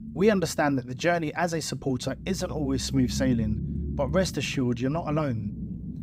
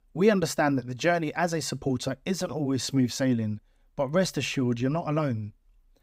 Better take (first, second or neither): second